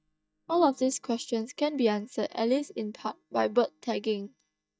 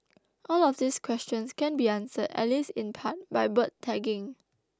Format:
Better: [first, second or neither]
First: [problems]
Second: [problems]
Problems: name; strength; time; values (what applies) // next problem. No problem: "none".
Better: second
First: noise reduction (neural mask model DeepFilterNet 3)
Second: none